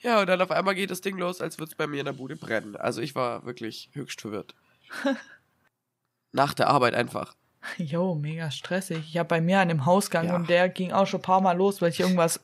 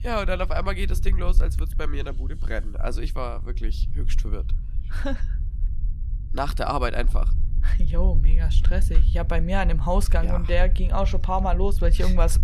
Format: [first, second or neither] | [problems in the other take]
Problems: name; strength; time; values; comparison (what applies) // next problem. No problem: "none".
first | low rumble; noticeable; throughout; 20 dB below the speech